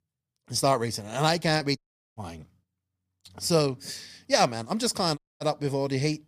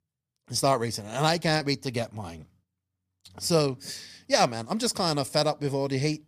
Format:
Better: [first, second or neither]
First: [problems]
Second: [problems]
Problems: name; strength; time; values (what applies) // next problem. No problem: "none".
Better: second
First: audio cutting out; at 2 s and at 5 s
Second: none